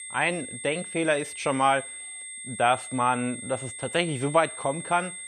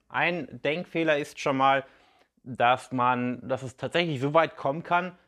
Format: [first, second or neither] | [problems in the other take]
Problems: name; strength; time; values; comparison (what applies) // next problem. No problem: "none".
second | high-pitched whine; loud; throughout; 8.5 kHz, 10 dB below the speech